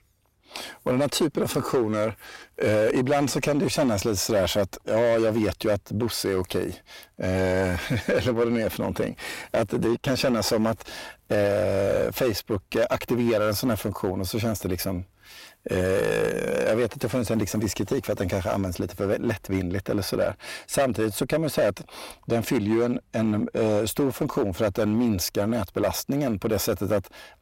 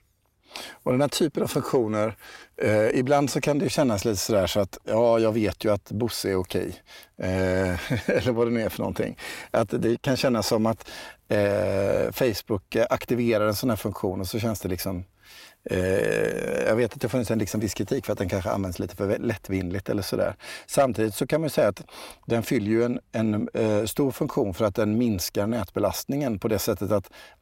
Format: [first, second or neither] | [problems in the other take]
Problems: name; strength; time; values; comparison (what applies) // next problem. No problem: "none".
second | distortion; slight; 6% of the sound clipped